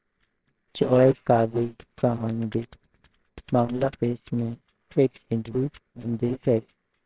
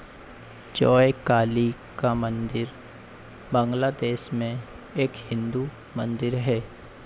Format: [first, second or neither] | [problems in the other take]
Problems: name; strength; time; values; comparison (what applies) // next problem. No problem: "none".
second | noise reduction (neural separator model SepFormer WHAMR!)